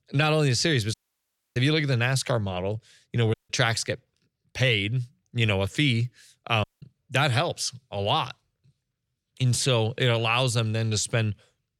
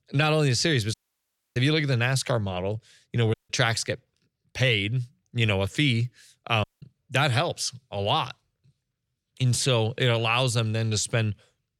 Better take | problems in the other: neither | audio cutting out; at 1 s for 0.5 s, at 3.5 s and at 6.5 s; the same in both

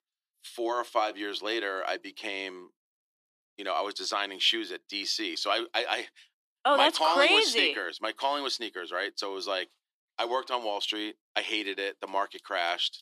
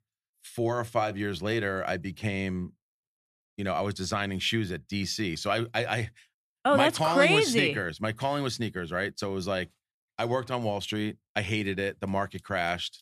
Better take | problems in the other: second | thin; somewhat; fading below 300 Hz

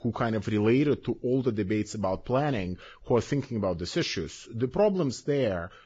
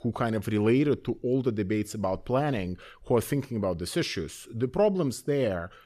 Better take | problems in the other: second | garbled, watery; badly; nothing above 7.5 kHz

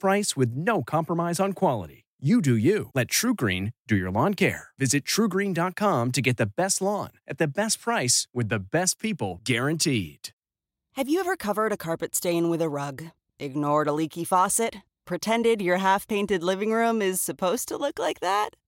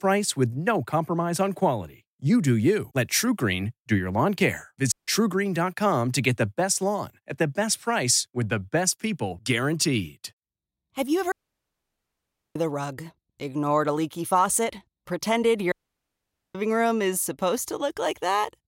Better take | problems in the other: first | audio cutting out; at 5 s, at 11 s for 1 s and at 16 s for 1 s

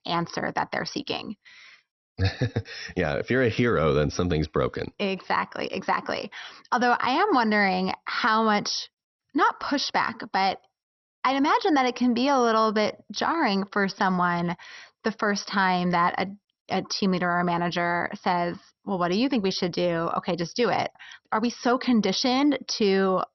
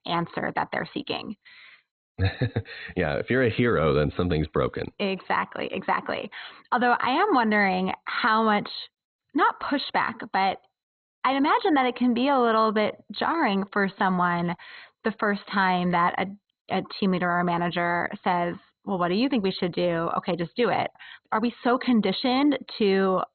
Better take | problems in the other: first | garbled, watery; badly; nothing above 4 kHz; slightly in the first

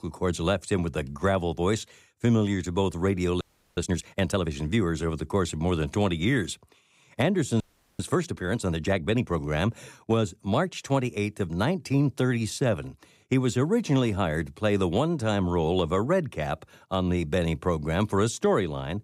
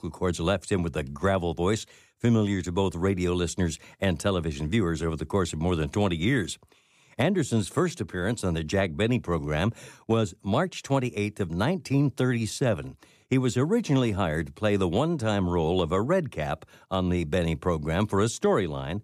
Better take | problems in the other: second | audio freezing; at 3.5 s and at 7.5 s

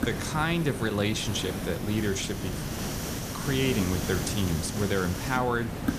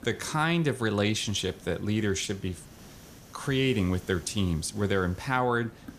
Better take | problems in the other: second | hiss; loud; throughout; 4 dB below the speech; faint in the second

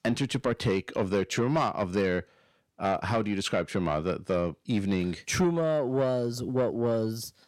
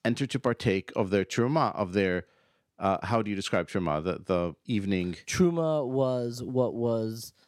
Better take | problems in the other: second | distortion; slight; 10 dB below the speech

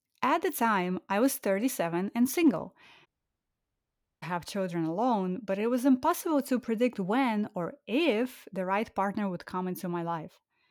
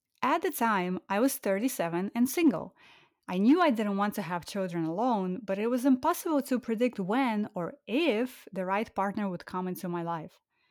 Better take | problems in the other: second | audio cutting out; at 3 s for 1 s

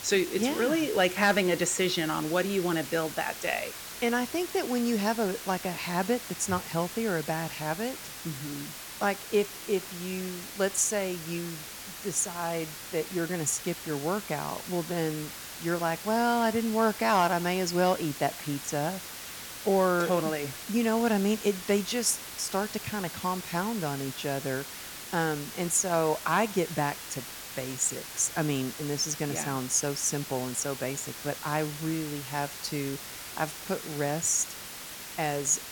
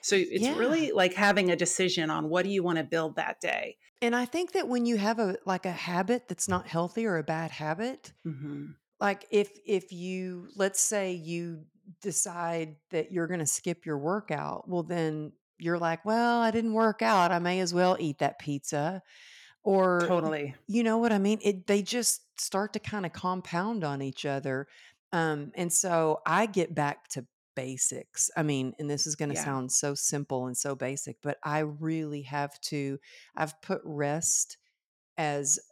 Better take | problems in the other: second | hiss; loud; throughout; 9 dB below the speech

